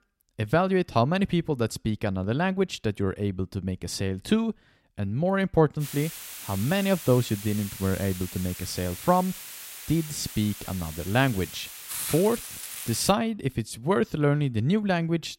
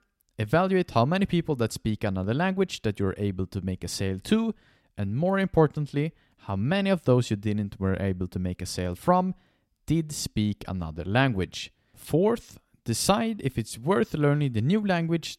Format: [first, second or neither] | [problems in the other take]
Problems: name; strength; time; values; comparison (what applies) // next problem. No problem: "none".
second | hiss; noticeable; from 6 to 13 s; 10 dB below the speech